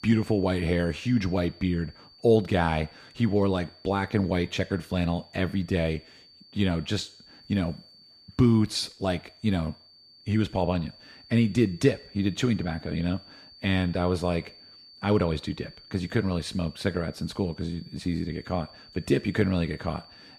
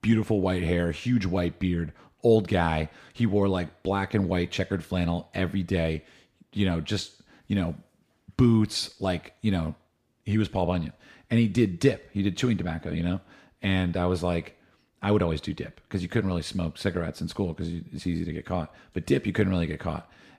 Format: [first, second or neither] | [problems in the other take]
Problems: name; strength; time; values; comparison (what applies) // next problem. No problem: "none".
second | high-pitched whine; faint; throughout; 4.5 kHz, 20 dB below the speech